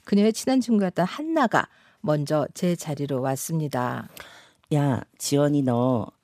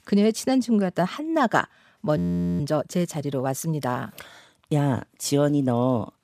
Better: first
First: none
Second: audio freezing; at 2 s

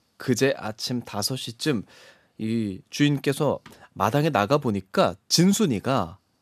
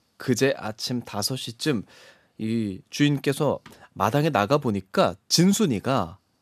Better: neither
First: none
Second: none

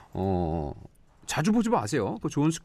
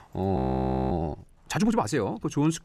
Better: first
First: none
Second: audio freezing; at 0.5 s for 0.5 s

